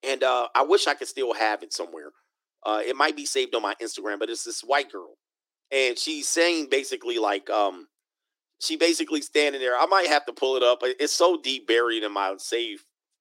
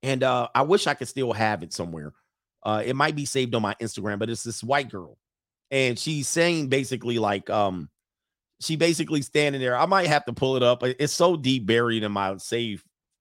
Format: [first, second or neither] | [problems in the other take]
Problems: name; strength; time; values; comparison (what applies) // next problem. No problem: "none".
second | thin; somewhat; fading below 300 Hz